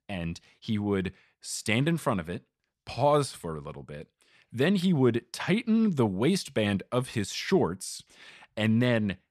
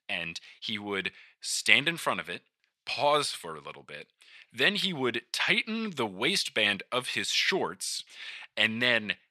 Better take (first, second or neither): first